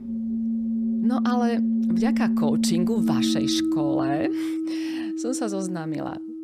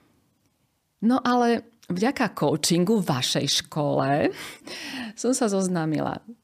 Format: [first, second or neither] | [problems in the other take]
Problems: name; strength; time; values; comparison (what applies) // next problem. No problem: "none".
second | background music; very loud; throughout; 4 dB above the speech